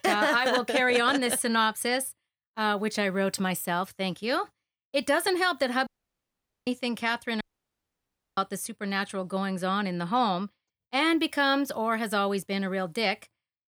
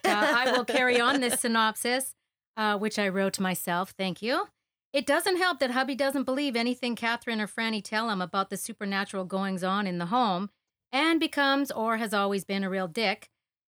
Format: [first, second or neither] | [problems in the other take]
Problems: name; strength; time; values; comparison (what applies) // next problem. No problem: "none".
second | audio cutting out; at 6 s for 1 s and at 7.5 s for 1 s